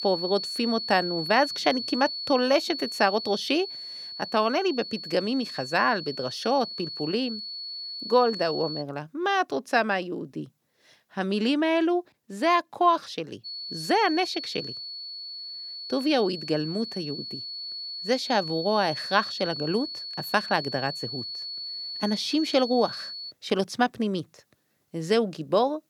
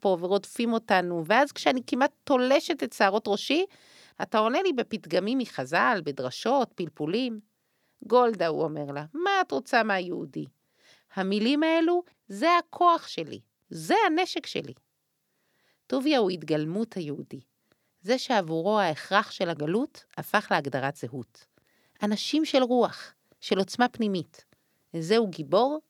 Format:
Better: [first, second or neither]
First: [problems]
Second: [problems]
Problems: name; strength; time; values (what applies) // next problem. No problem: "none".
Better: second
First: high-pitched whine; loud; until 9 s and from 13 to 23 s; 4.5 kHz, 7 dB below the speech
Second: none